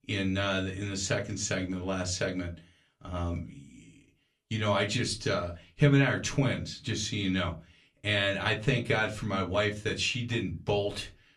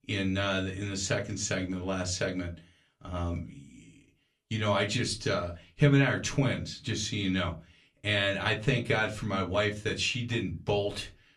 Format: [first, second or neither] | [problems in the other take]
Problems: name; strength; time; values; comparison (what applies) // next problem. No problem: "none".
neither | off-mic speech; far; the same in both // room echo; very slight; dies away in 0.2 s; the same in both